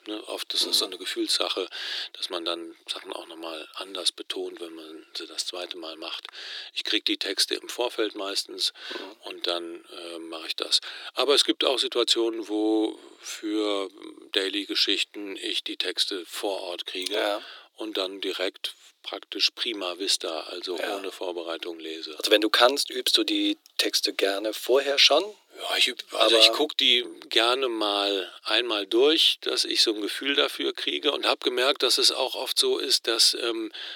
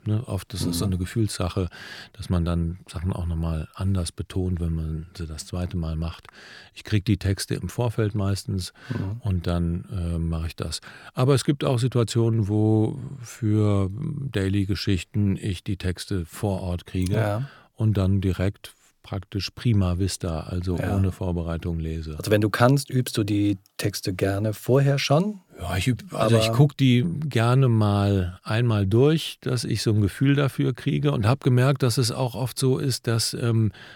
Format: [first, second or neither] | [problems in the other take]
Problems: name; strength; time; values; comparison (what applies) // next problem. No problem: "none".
second | thin; very; fading below 300 Hz